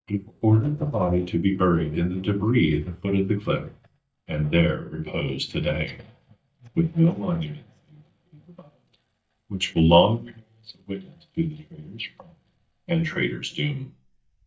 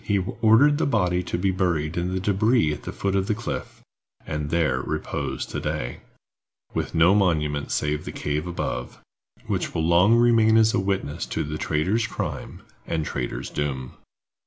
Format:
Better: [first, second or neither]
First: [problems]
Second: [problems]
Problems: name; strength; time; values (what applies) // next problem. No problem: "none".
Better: second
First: noise reduction (neural mask model DeepFilterNet 3)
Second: none